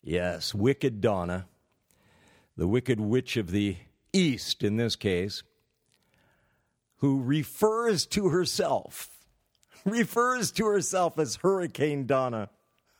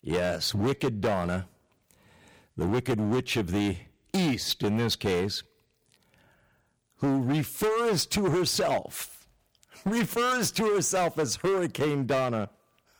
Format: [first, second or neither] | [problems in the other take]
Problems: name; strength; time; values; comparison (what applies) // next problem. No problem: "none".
first | distortion; heavy; 15% of the sound clipped